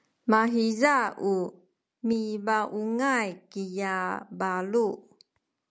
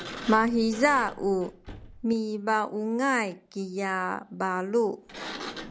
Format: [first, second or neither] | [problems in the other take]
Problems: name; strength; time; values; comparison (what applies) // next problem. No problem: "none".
first | background sound (Sliding door); 16 dB below the speech